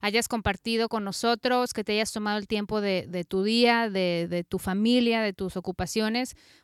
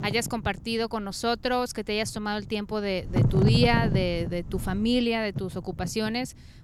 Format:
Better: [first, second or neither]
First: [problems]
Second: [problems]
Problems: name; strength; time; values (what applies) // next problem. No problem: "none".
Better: first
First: none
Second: wind noise on the microphone; heavy; 9 dB below the speech